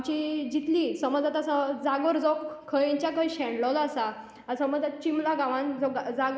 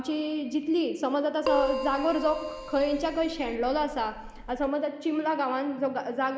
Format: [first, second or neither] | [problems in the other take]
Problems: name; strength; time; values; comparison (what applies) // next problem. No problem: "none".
first | background sound (Keyboard (musical)); 6 dB below the speech